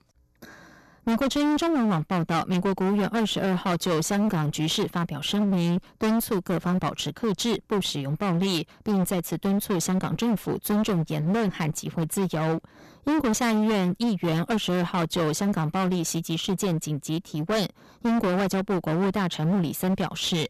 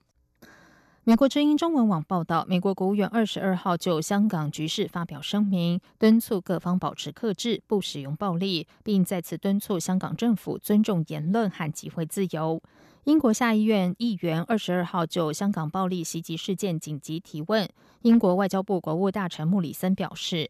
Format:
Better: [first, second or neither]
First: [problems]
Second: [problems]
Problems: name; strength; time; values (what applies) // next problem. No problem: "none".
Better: second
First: distortion; heavy; 28% of the sound clipped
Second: none